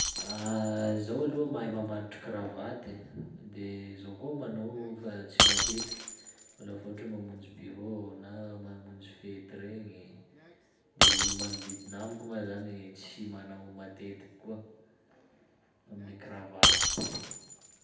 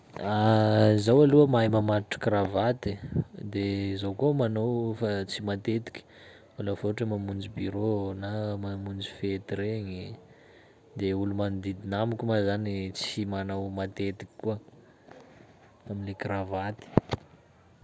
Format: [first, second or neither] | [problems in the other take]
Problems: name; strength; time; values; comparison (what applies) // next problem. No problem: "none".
second | background sound (Shatter); 5 dB above the speech // room echo; dies away in 0.9 s